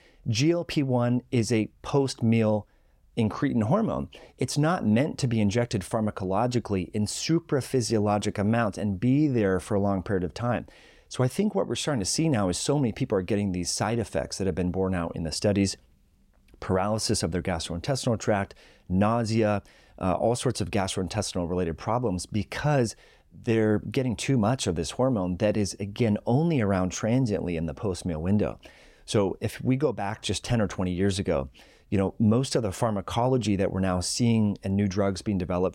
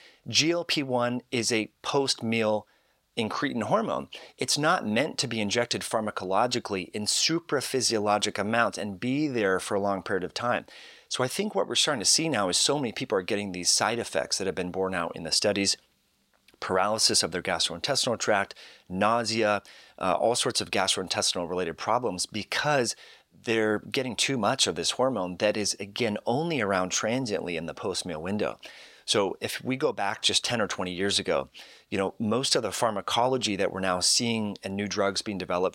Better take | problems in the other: first | thin; somewhat; fading below 800 Hz

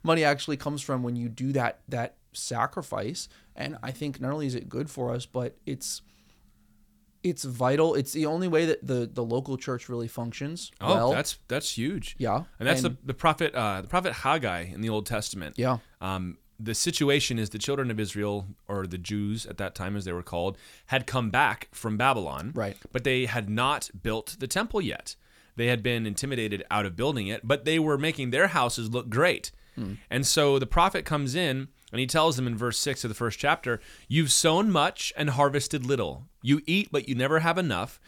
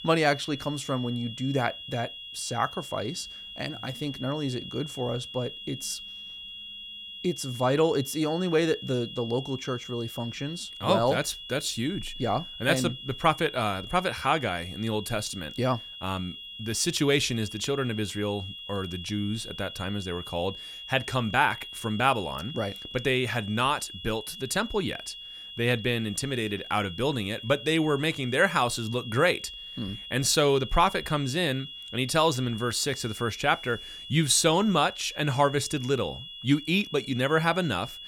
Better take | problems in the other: first | high-pitched whine; noticeable; throughout; 3.5 kHz, 10 dB below the speech

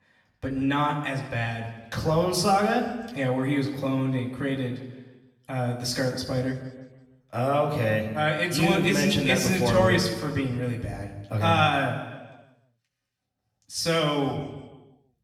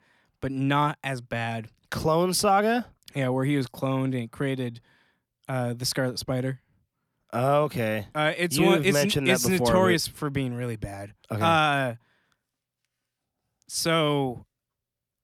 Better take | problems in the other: second | room echo; noticeable; dies away in 1.1 s // off-mic speech; far

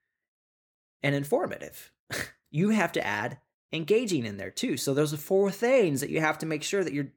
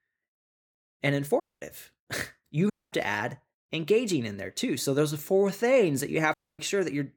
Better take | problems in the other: first | audio cutting out; at 1.5 s, at 2.5 s and at 6.5 s

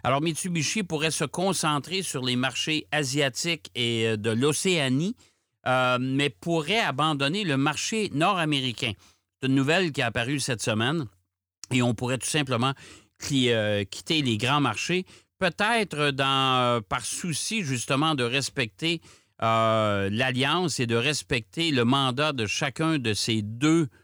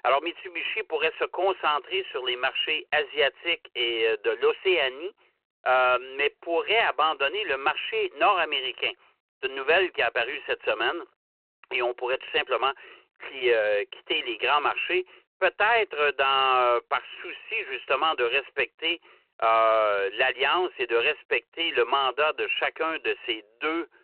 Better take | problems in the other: first | phone-call audio

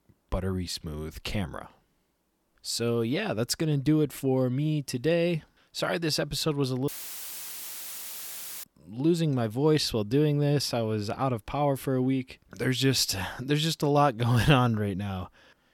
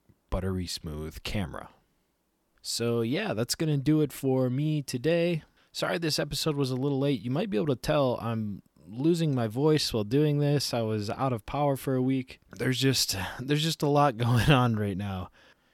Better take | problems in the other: second | audio cutting out; filled with static; at 7 s for 2 s

